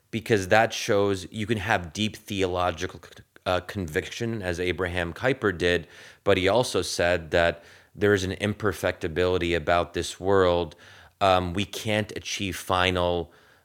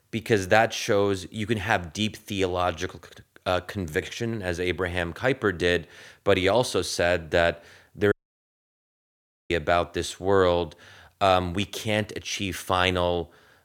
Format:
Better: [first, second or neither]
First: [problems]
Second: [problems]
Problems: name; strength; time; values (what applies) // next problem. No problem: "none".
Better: first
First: none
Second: audio cutting out; at 8 s for 1.5 s